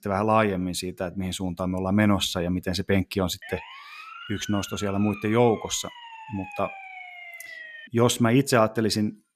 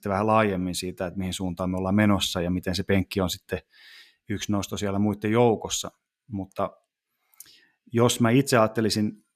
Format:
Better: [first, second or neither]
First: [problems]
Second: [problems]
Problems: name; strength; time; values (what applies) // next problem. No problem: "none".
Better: second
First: siren; faint; from 3.5 to 8 s; peak 15 dB below the speech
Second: none